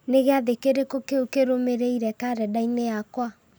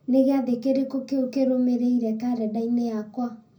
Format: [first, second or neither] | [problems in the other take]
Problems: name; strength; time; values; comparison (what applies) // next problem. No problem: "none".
first | room echo; dies away in 0.4 s